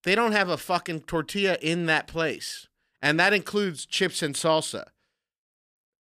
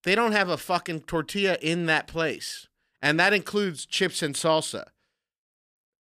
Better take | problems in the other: neither | none

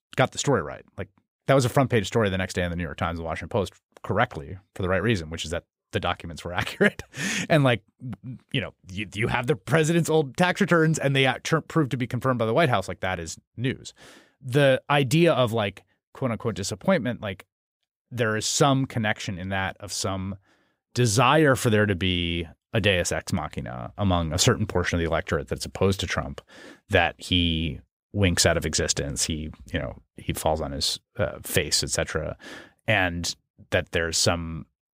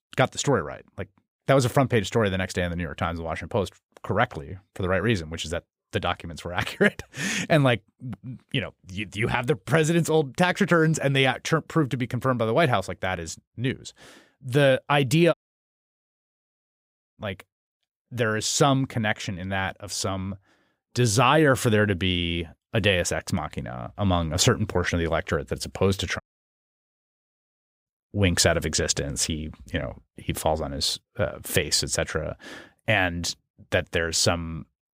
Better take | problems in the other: first | audio cutting out; at 15 s for 2 s and at 26 s for 1.5 s

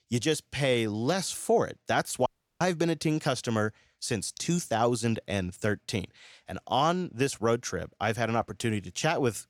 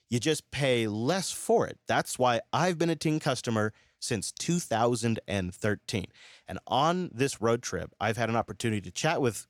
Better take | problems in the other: second | audio cutting out; at 2.5 s

